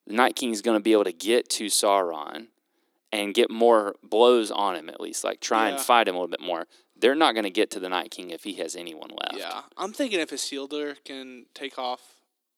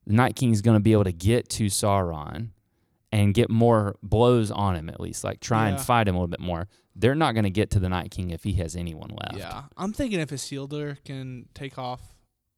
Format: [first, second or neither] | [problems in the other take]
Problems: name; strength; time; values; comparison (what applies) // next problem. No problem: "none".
second | thin; somewhat; fading below 300 Hz